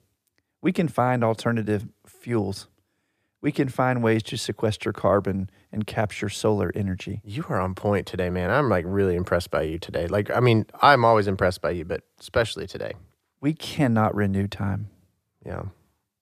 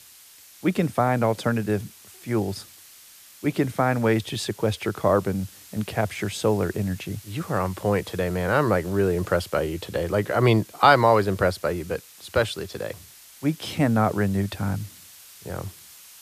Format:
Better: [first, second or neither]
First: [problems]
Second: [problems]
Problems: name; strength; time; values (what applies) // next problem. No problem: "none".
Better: first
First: none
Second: hiss; faint; throughout; 20 dB below the speech